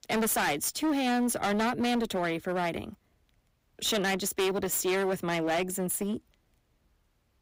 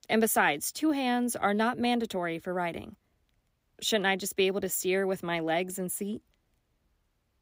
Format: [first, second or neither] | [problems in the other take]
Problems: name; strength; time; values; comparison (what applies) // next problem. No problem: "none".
second | distortion; heavy; 17% of the sound clipped